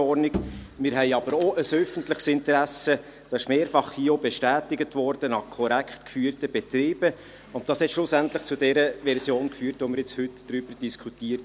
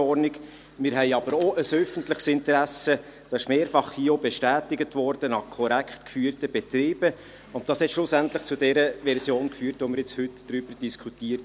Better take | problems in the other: second | background sound (Bowed string instrument); 10 dB below the speech

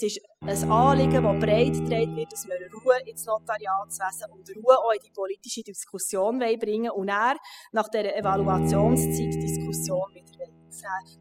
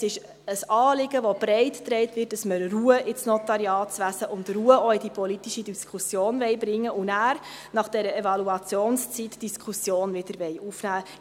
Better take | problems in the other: second | noise reduction (classical method spectral subtraction)

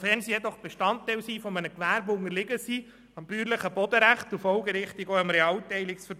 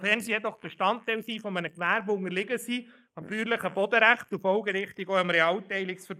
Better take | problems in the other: first | noise reduction (neural mask model Resemble Enhance denoiser)

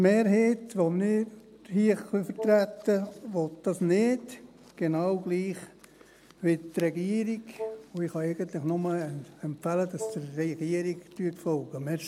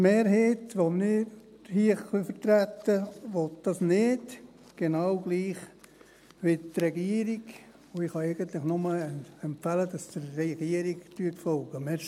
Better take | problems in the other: second | background sound (Wind instrument, woodwind instrument); 10 dB below the speech

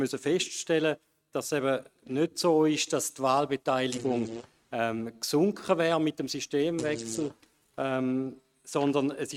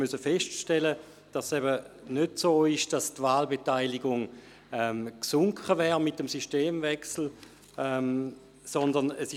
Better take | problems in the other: second | noise reduction (neural mask model RNNoise)

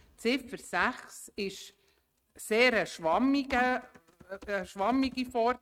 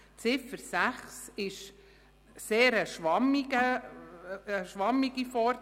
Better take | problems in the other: second | noise reduction (neural mask model RNNoise)

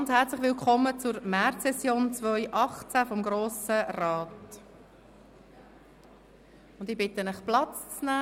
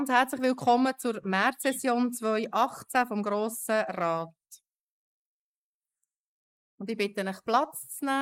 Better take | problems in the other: first | noise reduction (neural mask model Resemble Enhance denoiser)

